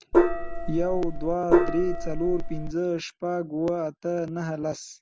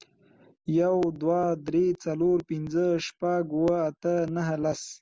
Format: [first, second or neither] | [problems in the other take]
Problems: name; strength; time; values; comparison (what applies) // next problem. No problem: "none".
second | background sound (Gong); 4 dB above the speech